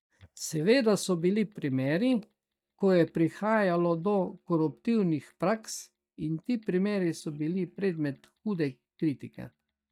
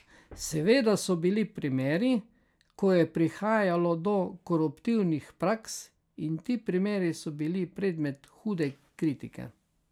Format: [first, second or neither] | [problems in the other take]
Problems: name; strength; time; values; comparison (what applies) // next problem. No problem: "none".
second | noise reduction (neural mask model DeepFilterNet 3)